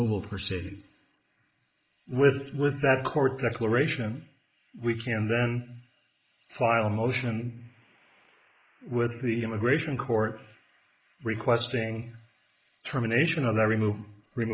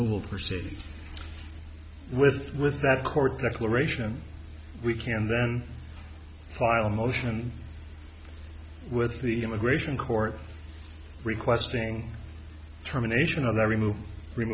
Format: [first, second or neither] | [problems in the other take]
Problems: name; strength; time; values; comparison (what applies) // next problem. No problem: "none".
second | noise reduction (neural mask model Resemble Enhance denoiser)